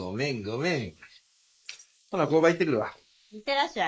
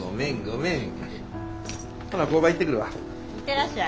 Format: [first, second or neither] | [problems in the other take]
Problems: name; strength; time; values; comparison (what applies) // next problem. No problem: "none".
second | noise reduction (neural mask model Resemble Enhance denoiser)